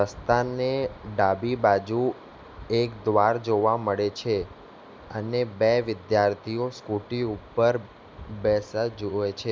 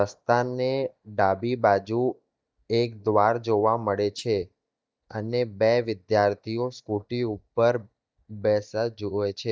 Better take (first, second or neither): first